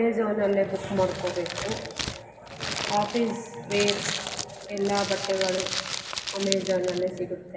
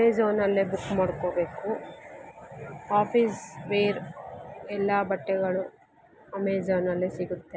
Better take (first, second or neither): second